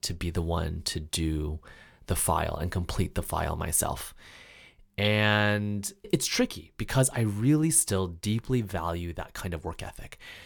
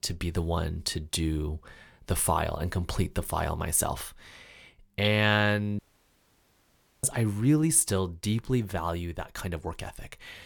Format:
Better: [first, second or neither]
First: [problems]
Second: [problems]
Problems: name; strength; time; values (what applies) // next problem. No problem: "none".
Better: first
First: none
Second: audio cutting out; at 6 s for 1 s